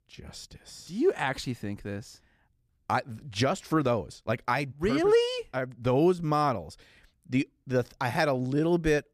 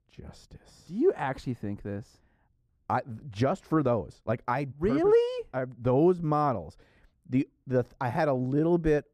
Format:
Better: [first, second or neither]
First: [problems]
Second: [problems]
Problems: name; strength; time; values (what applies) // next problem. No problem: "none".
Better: first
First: none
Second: muffled; slightly; fading above 1.5 kHz